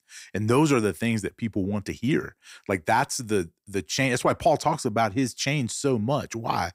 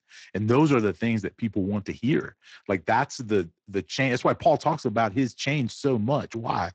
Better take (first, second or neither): first